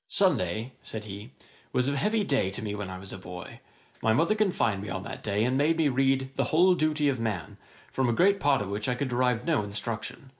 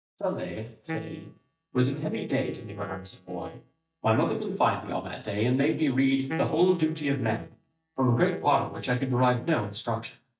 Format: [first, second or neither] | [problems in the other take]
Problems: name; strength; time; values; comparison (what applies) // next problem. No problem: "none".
first | noise reduction (neural mask model DeepFilterNet 3)